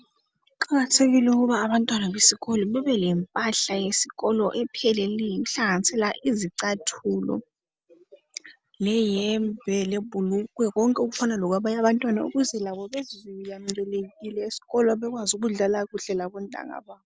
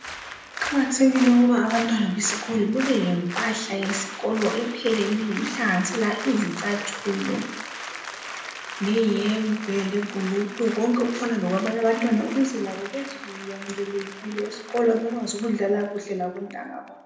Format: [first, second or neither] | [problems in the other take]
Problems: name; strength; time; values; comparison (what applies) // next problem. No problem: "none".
first | background sound (Applause); 11 dB below the speech // room echo; dies away in 0.7 s